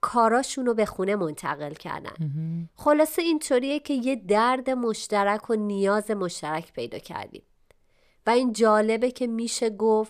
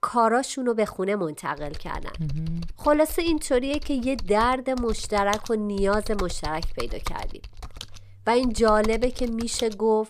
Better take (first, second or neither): first